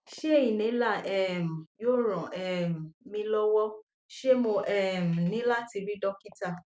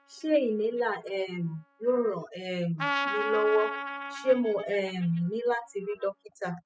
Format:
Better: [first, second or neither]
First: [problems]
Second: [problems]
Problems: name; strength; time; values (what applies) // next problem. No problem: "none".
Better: first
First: none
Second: noise reduction (classical method spectral subtraction)